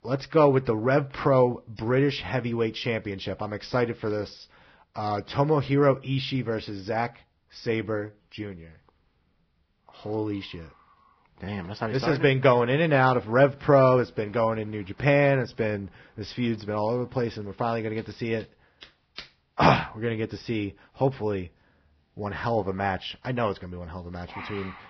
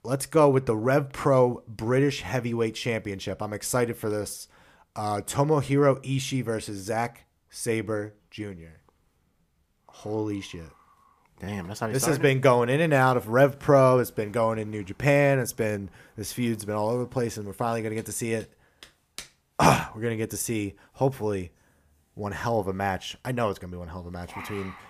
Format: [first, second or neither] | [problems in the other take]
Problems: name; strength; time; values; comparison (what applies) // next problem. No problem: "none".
second | garbled, watery; badly; nothing above 5.5 kHz